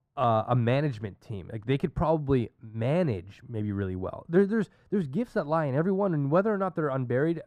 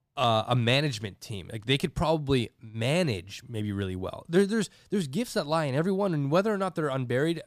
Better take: second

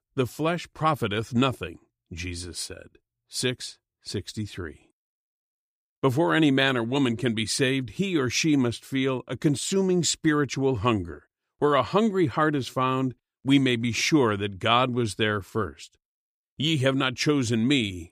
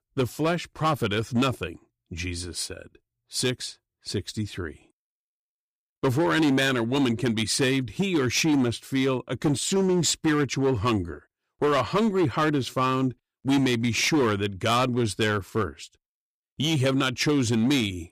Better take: first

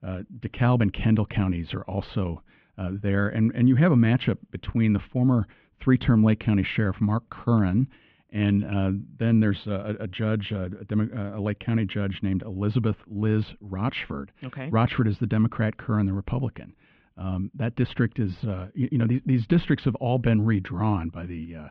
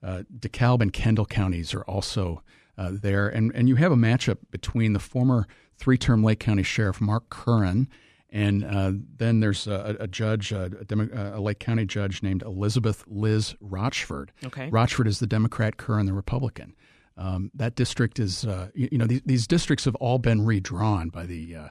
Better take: second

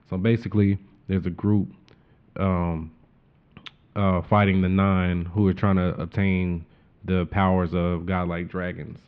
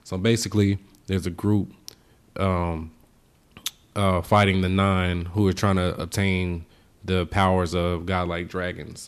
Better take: second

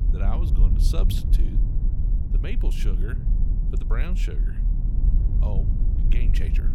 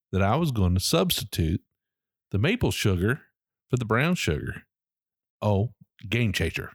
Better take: second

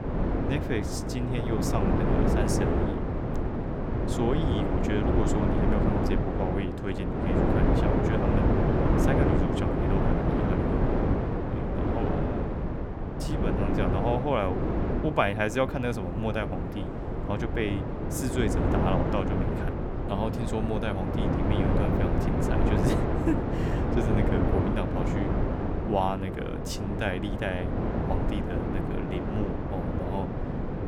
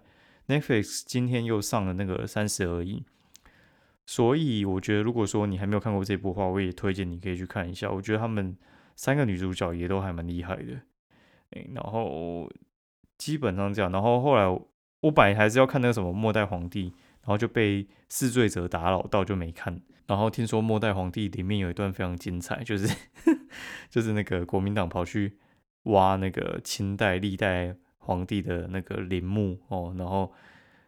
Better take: second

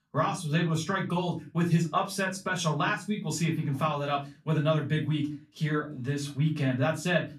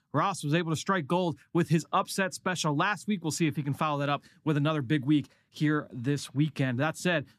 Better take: second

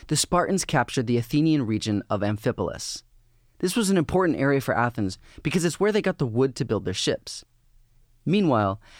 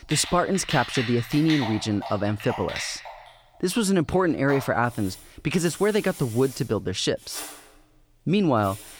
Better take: first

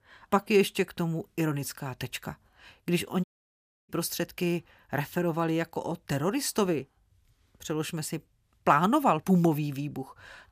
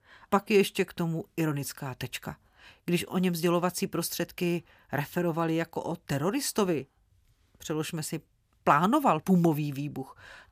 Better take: second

